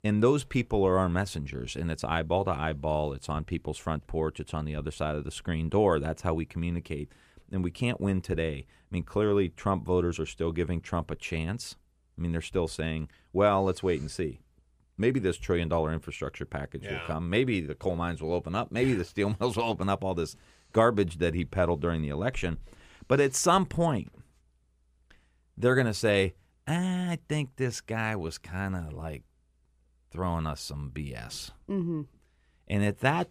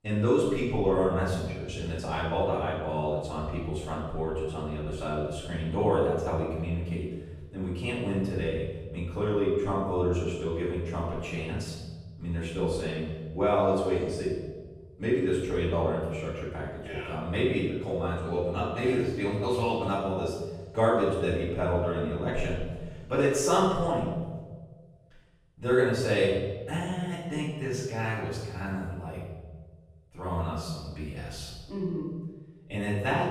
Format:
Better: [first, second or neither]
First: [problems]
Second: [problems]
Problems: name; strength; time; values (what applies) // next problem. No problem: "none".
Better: first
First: none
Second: off-mic speech; far // room echo; strong; dies away in 1.2 s